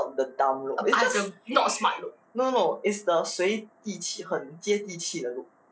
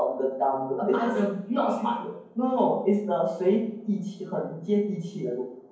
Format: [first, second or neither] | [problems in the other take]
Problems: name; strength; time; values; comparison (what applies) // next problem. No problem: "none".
first | room echo; dies away in 0.9 s